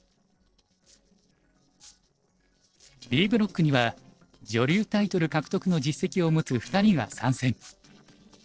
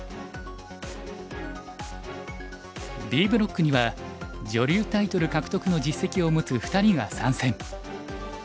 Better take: second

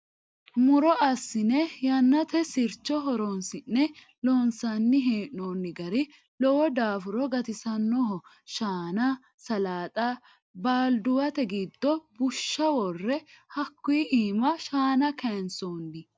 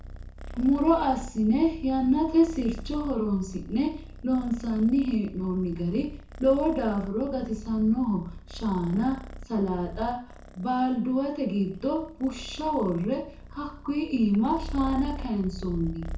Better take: first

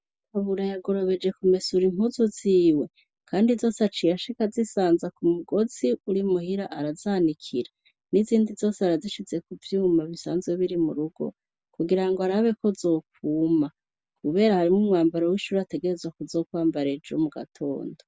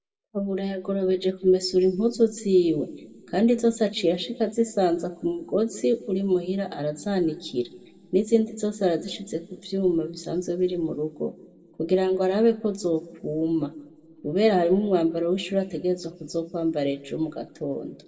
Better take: first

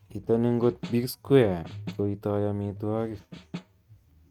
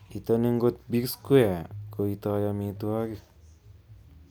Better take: second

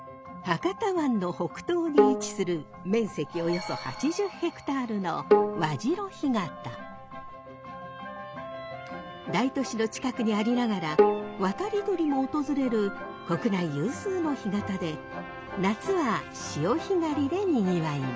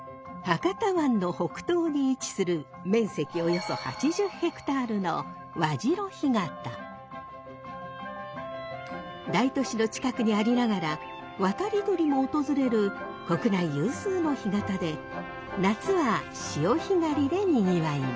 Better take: second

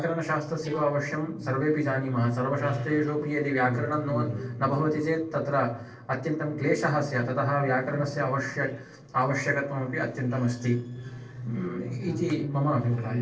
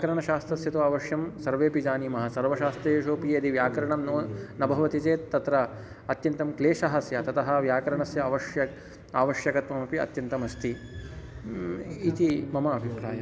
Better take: second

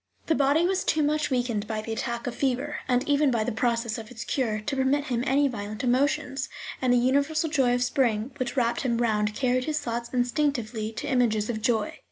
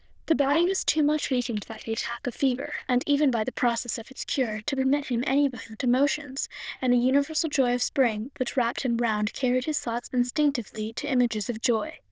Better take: first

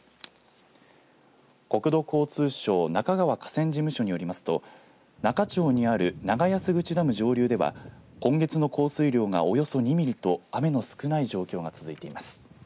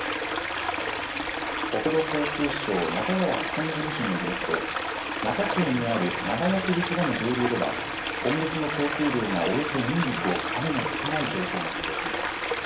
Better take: first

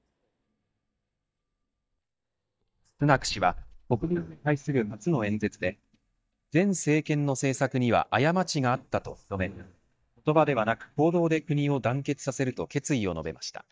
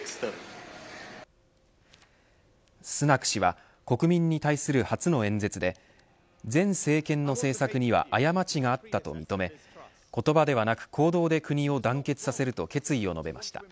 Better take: second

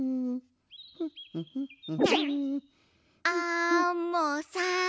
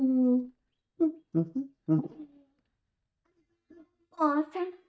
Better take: first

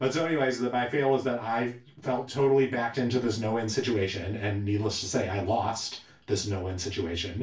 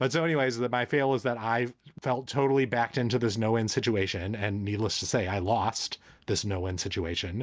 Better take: second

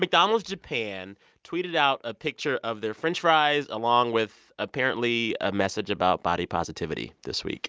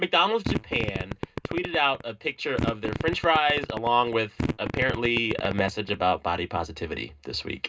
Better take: first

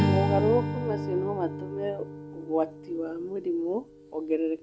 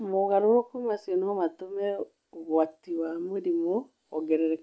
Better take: second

